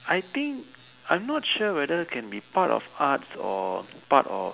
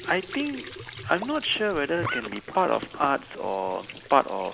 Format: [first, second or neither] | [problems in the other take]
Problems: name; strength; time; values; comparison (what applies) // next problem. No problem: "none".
first | background sound (Squeak / Trickle, dribble / Sink (filling or washing)); 12 dB below the speech